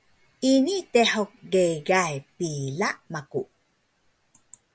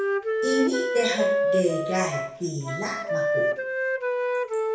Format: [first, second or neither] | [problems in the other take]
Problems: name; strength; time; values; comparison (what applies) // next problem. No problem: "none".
first | background sound (Wind instrument, woodwind instrument); 3 dB above the speech // room echo; dies away in 0.5 s